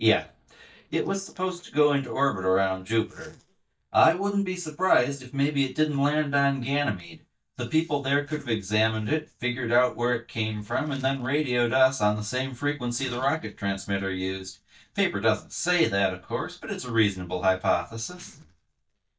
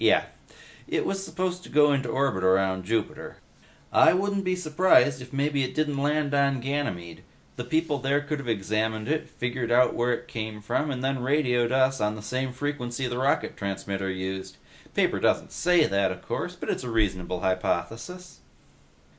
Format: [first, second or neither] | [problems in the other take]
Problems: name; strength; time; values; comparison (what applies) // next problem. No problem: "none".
second | noise reduction (neural mask model DeepFilterNet 3)